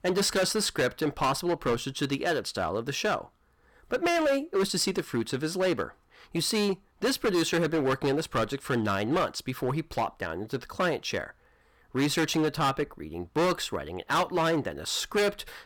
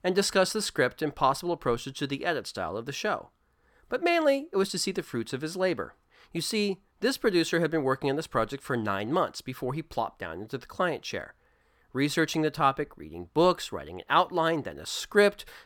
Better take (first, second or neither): second